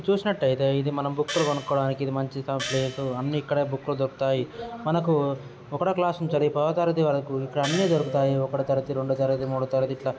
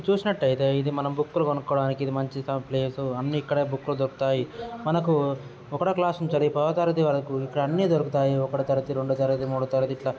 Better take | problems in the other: second | background sound (Wind instrument, woodwind instrument + Gong); 11 dB below the speech

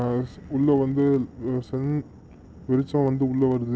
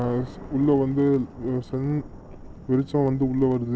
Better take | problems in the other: first | background sound (Thunder); 18 dB below the speech

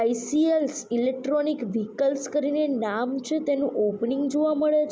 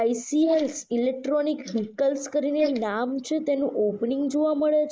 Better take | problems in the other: first | noise reduction (neural mask model Resemble Enhance denoiser)

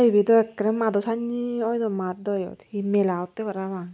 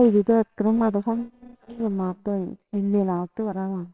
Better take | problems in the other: first | noise reduction (neural separator model SepFormer WHAMR!)

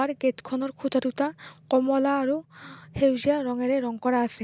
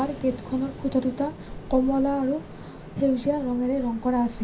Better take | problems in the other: first | background sound (Ocean); 13 dB below the speech // room echo; dies away in 0.3 s

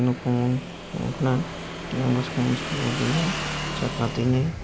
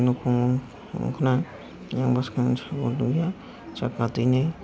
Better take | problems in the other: second | background sound (Motorcycle / Engine); 7 dB below the speech

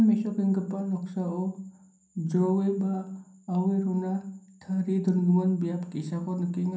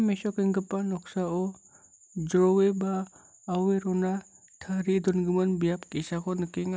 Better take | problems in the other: second | room echo; dies away in 0.6 s

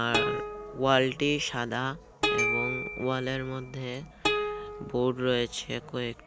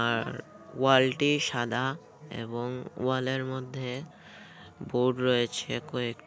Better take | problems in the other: second | background sound (Glockenspiel + Plucked string instrument); 3 dB below the speech

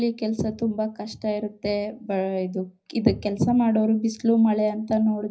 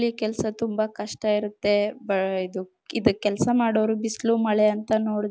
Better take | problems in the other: second | room echo; dies away in 0.5 s

